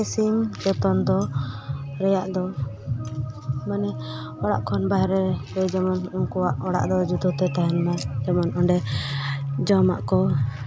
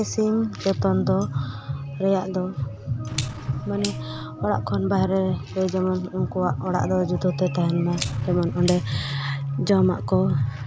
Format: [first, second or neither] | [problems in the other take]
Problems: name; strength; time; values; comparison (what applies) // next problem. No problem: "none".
first | background sound (Clock); 15 dB below the speech